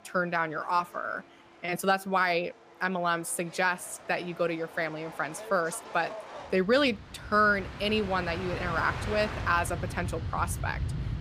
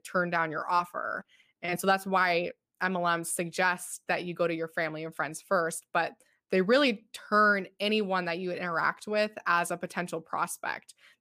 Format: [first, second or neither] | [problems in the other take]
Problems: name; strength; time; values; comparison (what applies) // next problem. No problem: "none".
second | train or aircraft noise; loud; throughout; 10 dB below the speech